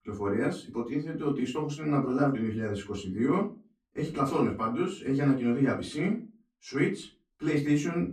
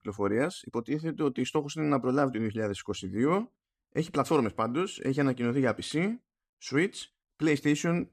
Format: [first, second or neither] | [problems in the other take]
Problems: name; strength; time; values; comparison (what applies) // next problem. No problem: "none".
second | off-mic speech; far // room echo; very slight; dies away in 0.2 s